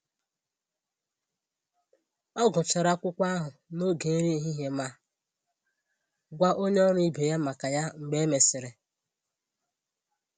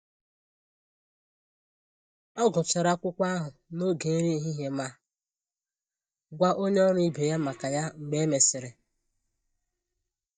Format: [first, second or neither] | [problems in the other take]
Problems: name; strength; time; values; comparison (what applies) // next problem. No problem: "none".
first | noise reduction (neural mask model DeepFilterNet 3)